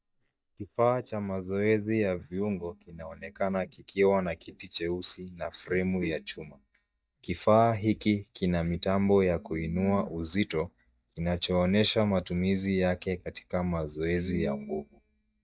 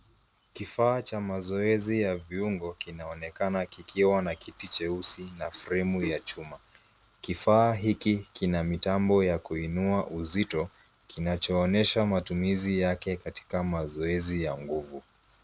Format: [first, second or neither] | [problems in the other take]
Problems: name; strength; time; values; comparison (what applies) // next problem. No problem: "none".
second | noise reduction (neural mask model DeepFilterNet 3)